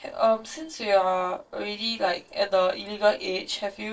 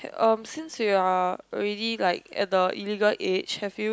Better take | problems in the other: second | noise reduction (neural separator model SepFormer DNS4)

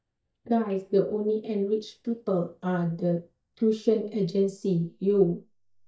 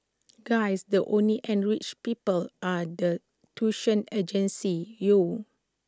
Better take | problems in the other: second | noise reduction (neural mask model DeepFilterNet 3)

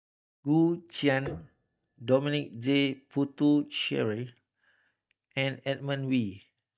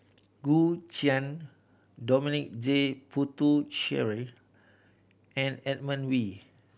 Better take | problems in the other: second | noise reduction (neural mask model DeepFilterNet 3)

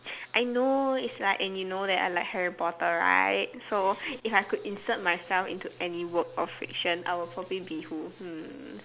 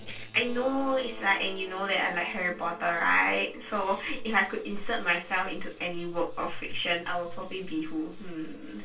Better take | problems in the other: first | noise reduction (neural separator model SepFormer DNS4)

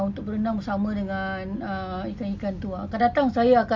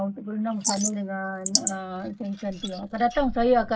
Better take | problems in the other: first | noise reduction (neural mask model Resemble Enhance denoiser)

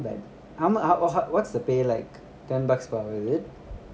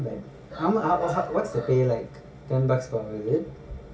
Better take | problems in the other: first | background sound (Chicken, rooster); 14 dB below the speech // room echo; dies away in 0.2 s

